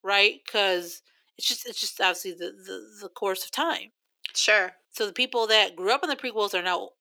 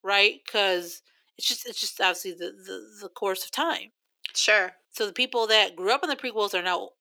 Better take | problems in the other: neither | thin; somewhat; fading below 350 Hz; the same in both

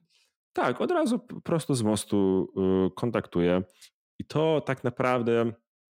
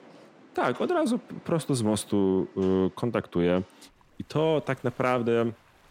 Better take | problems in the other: first | rain or running water; faint; throughout; 25 dB below the speech

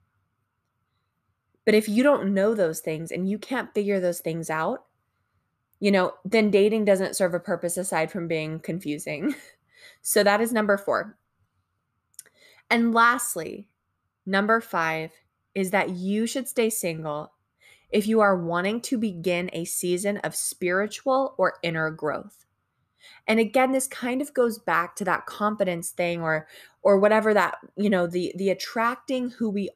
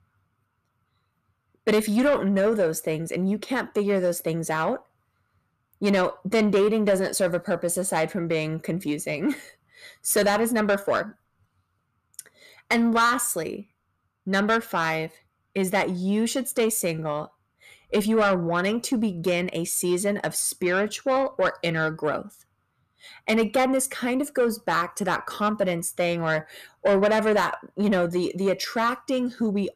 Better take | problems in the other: first | distortion; slight; 10 dB below the speech

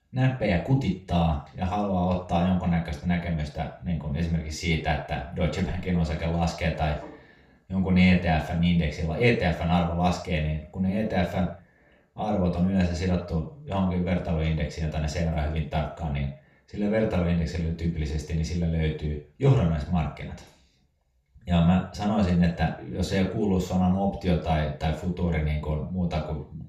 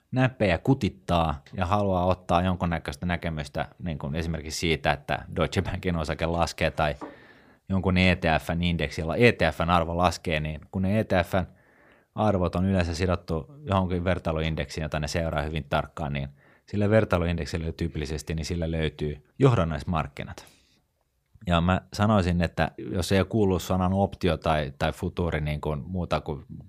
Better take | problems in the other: second | room echo; noticeable; dies away in 0.4 s // off-mic speech; far

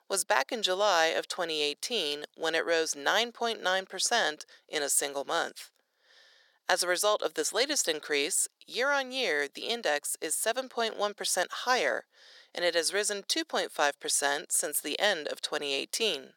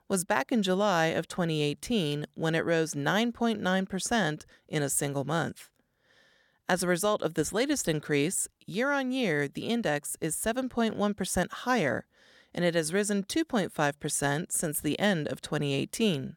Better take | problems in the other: second | thin; very; fading below 450 Hz

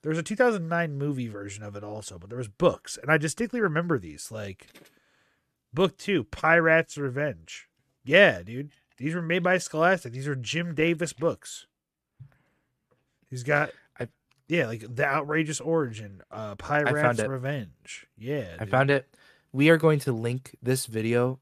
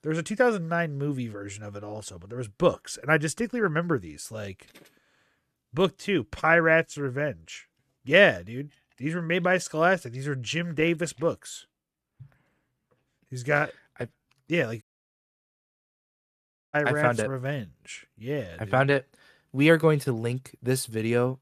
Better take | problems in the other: first | audio cutting out; at 15 s for 2 s

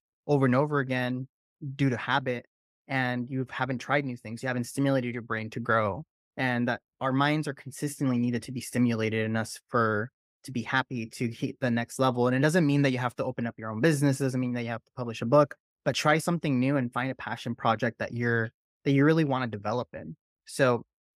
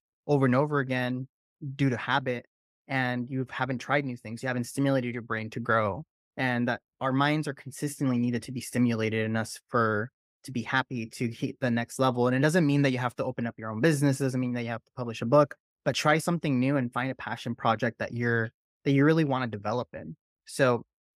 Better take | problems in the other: neither | none

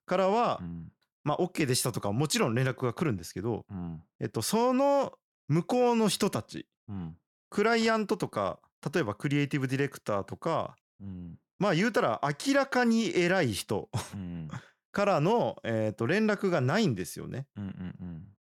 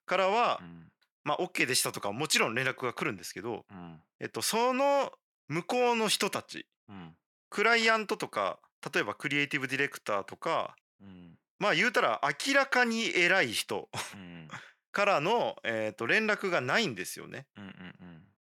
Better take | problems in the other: first | thin; somewhat; fading below 1 kHz

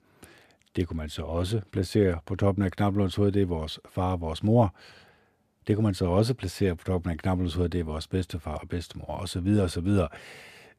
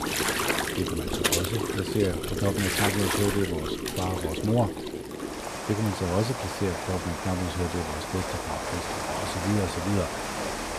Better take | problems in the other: first | rain or running water; very loud; throughout; as loud as the speech

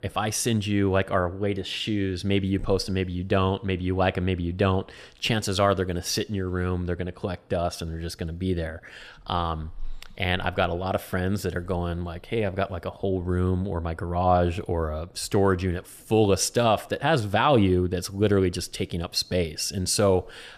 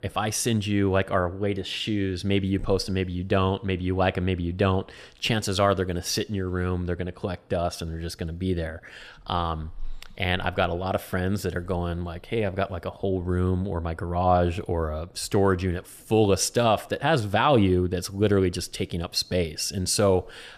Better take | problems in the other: neither | none

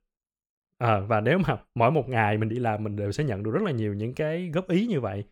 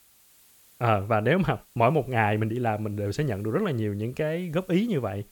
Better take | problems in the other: first | hiss; faint; throughout; 30 dB below the speech

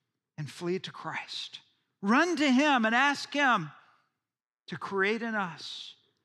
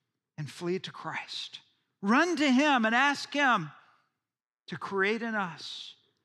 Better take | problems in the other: neither | none

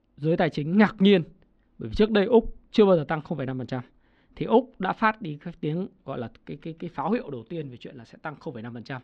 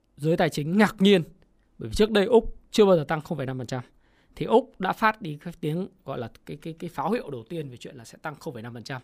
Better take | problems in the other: second | muffled; very slightly; fading above 4 kHz

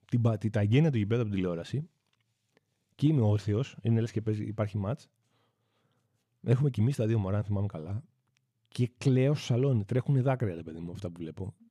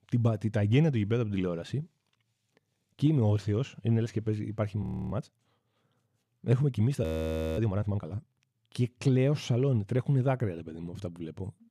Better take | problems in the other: first | audio freezing; at 5 s and at 7 s for 0.5 s

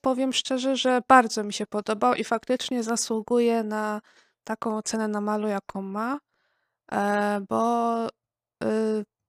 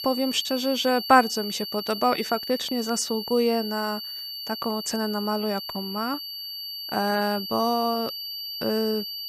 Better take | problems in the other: first | high-pitched whine; loud; throughout; 4.5 kHz, 6 dB below the speech

